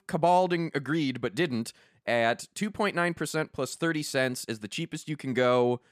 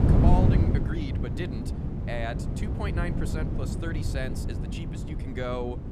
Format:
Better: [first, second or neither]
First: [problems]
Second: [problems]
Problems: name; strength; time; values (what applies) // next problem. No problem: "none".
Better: first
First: none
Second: wind noise on the microphone; heavy; 2 dB below the speech